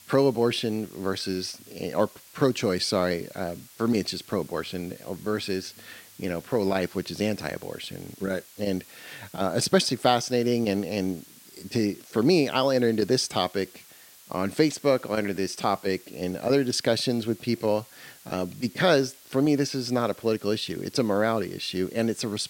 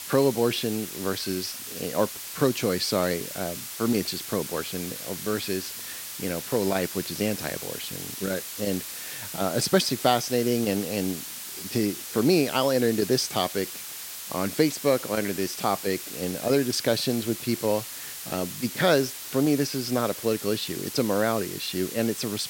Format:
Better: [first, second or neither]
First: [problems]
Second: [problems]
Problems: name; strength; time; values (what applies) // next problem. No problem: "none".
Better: first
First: hiss; faint; throughout; 20 dB below the speech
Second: hiss; loud; throughout; 8 dB below the speech